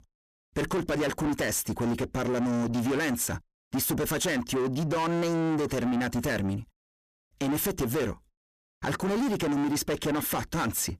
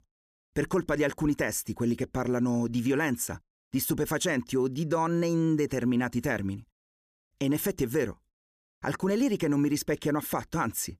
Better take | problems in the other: second | distortion; heavy; 7 dB below the speech

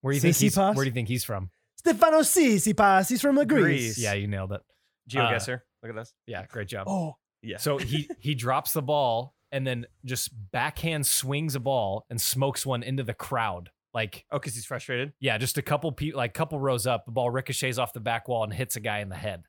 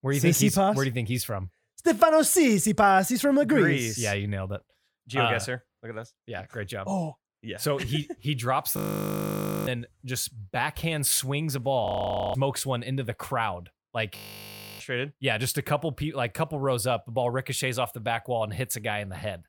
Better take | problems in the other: first | audio freezing; at 9 s for 1 s, at 12 s and at 14 s for 0.5 s

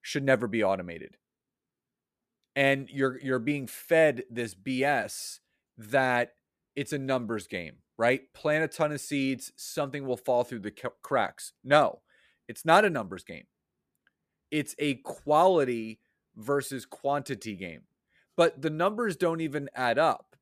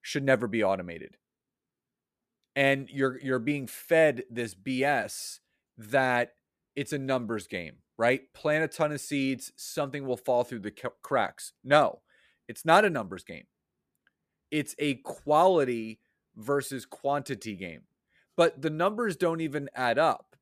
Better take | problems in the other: neither | none

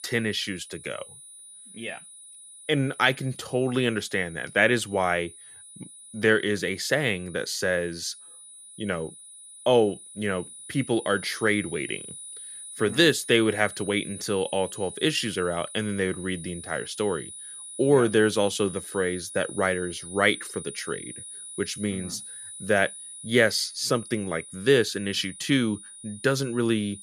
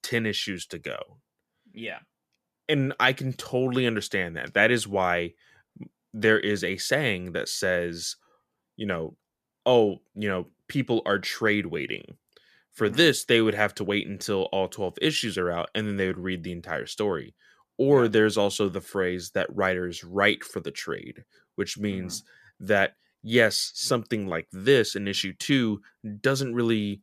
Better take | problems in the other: second | high-pitched whine; noticeable; throughout; 10 kHz, 15 dB below the speech

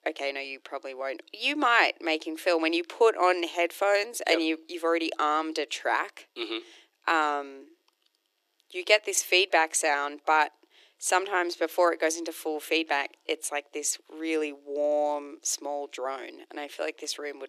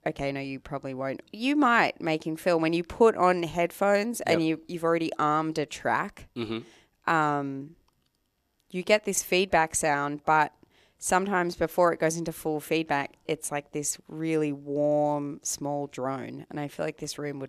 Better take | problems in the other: second | thin; somewhat; fading below 300 Hz

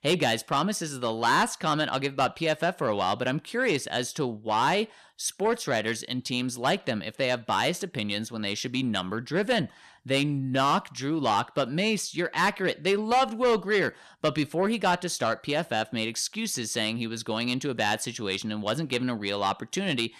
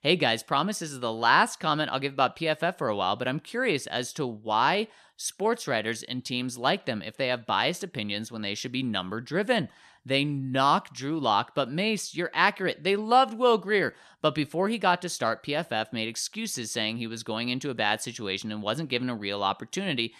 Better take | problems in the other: second | distortion; slight; 10 dB below the speech

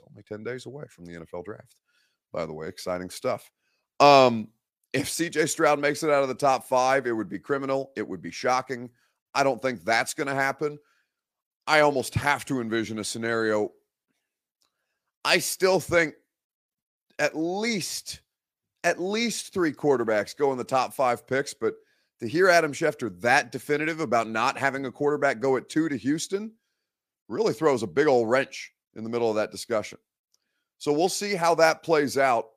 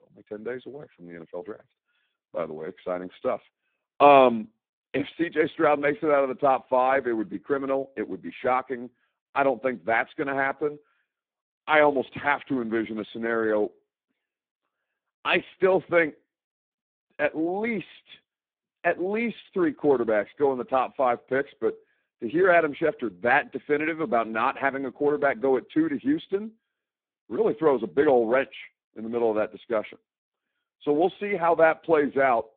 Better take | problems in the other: first | phone-call audio; poor line

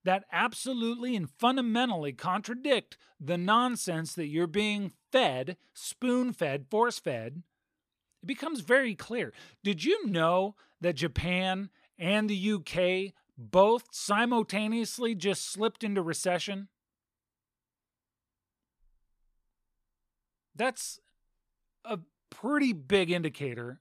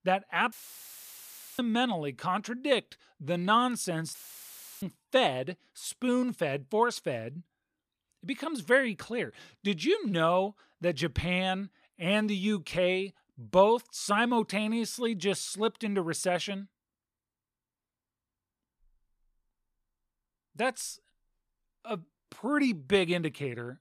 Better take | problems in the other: first | audio cutting out; filled with static; at 0.5 s for 1 s and at 4 s for 0.5 s

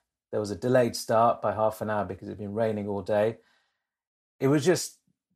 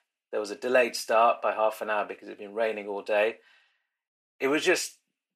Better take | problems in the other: first | thin; somewhat; fading below 300 Hz

